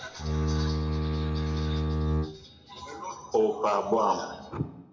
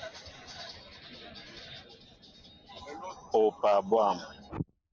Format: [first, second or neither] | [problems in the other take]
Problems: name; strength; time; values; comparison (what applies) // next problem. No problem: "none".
second | background sound (Bowed string instrument); 4 dB above the speech // room echo; dies away in 0.6 s